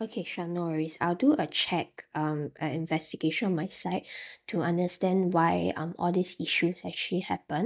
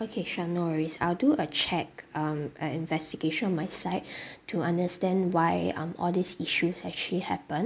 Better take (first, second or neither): second